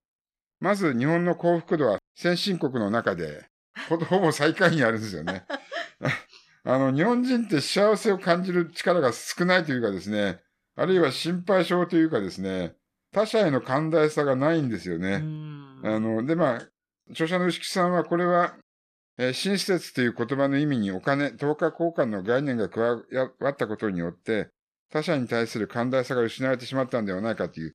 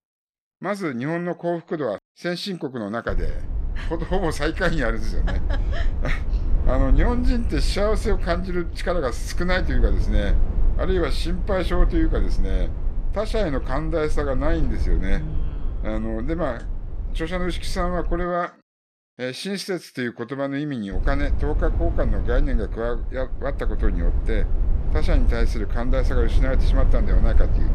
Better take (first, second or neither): first